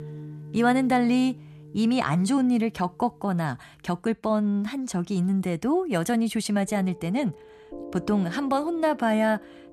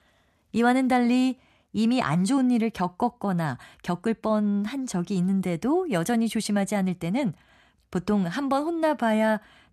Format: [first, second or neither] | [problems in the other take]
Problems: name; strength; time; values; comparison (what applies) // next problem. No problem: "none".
second | background music; noticeable; throughout; 20 dB below the speech